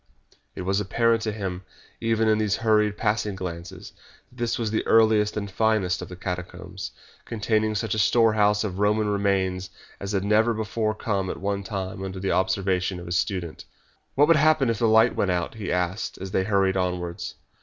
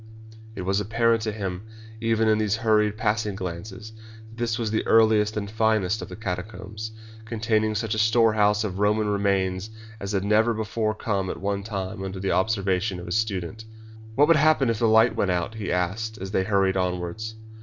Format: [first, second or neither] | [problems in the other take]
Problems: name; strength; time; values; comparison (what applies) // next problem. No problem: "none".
first | background sound (Organ); 16 dB below the speech